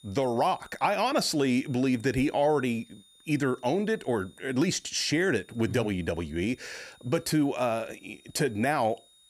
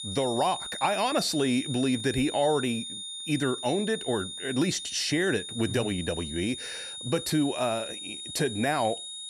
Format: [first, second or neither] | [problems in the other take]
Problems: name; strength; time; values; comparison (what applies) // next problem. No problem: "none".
first | high-pitched whine; loud; throughout; 3.5 kHz, 7 dB below the speech; faint in the first